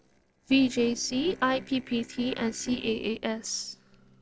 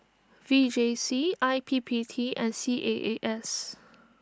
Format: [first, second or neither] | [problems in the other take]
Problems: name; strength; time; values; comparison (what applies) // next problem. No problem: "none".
second | noise reduction (neural separator model SepFormer DNS4)